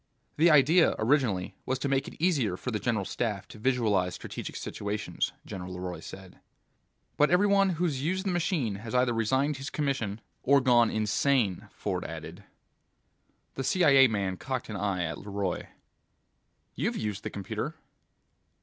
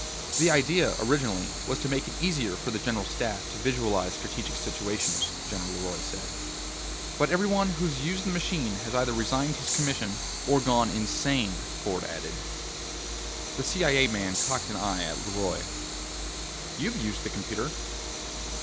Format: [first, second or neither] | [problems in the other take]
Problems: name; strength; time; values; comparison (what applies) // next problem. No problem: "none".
first | background sound (Train); 3 dB below the speech